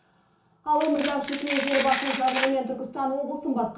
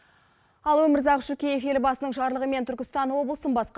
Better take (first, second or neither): second